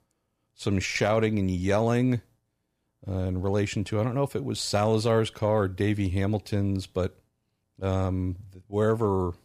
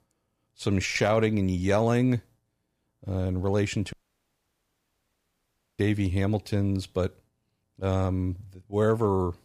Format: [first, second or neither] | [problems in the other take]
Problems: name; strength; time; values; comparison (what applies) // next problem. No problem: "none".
first | audio cutting out; at 4 s for 2 s